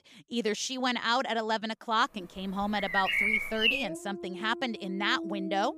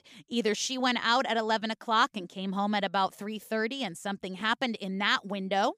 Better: second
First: animal sounds; very loud; from 2 s on; 1 dB above the speech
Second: none

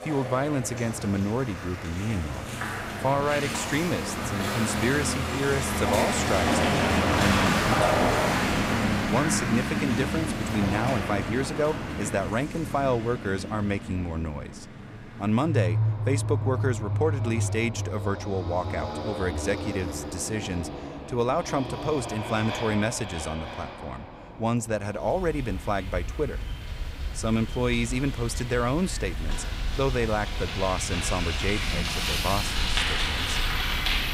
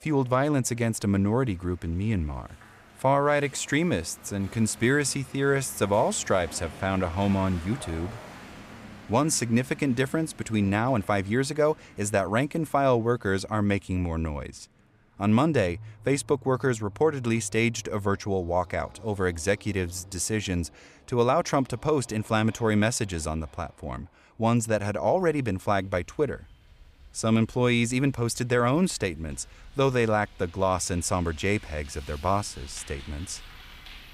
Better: second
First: traffic noise; loud; throughout; as loud as the speech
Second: traffic noise; faint; throughout; 20 dB below the speech

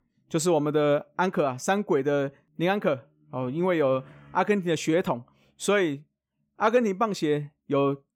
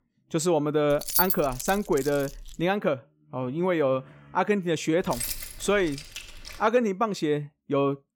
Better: first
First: none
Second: jangling keys; loud; from 1 to 2.5 s; peak 4 dB above the speech // jangling keys; noticeable; from 5 to 6.5 s; peak 4 dB below the speech

